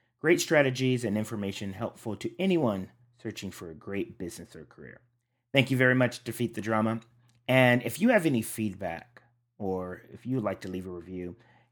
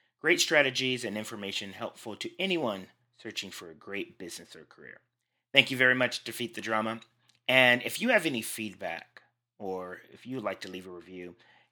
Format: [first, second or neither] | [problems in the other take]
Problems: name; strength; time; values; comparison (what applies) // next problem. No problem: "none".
first | thin; very slightly; fading below 850 Hz